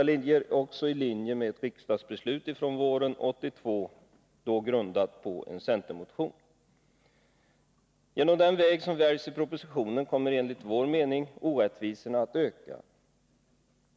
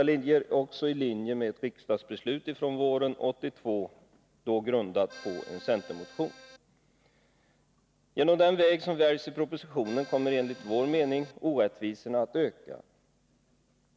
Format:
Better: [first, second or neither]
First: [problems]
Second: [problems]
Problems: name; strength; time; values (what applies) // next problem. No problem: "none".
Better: first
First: none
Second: background sound (Accordion); 19 dB below the speech